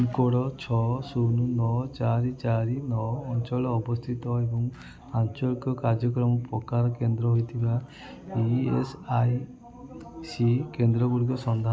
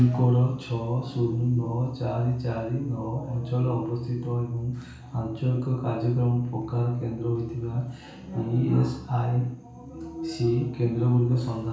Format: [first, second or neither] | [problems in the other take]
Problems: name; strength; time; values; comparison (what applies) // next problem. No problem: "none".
first | room echo; dies away in 0.6 s